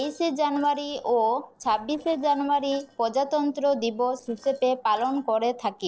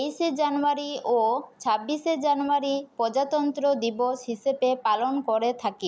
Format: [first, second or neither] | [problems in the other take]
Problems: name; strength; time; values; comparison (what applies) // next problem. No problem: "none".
second | noise reduction (neural separator model SepFormer DNS4)